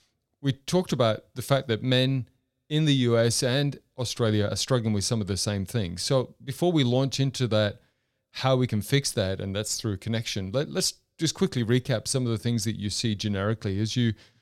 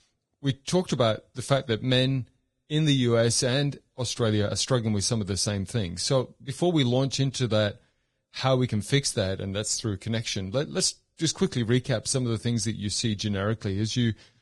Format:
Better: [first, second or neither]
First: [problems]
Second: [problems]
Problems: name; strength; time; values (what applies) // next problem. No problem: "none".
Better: first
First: none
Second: garbled, watery; badly